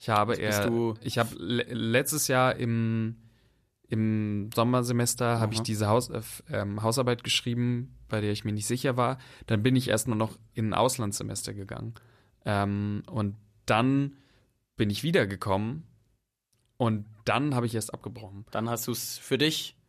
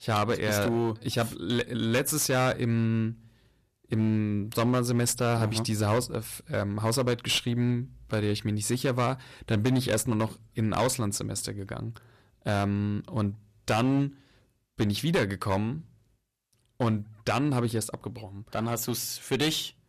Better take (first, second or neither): first